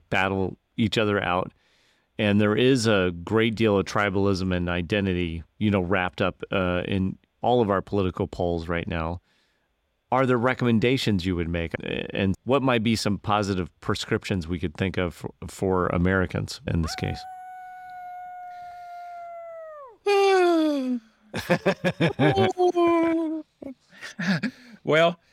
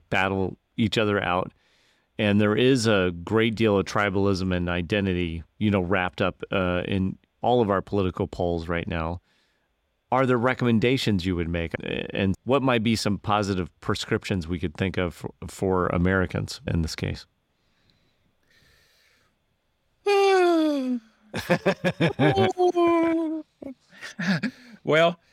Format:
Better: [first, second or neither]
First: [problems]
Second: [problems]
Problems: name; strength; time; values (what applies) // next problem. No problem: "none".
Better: second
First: dog barking; faint; from 17 to 20 s; peak 15 dB below the speech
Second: none